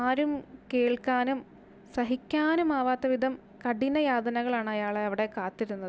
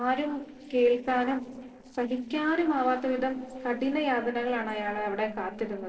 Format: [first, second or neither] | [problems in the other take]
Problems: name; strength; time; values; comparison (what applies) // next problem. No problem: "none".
first | noise reduction (neural separator model SepFormer DNS4)